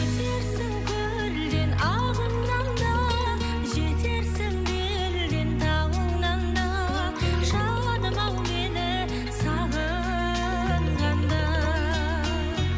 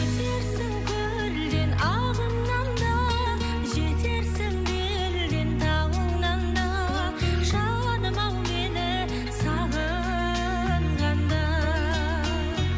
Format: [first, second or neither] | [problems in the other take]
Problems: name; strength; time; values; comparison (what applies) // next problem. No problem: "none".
second | background sound (Marimba, xylophone); 16 dB below the speech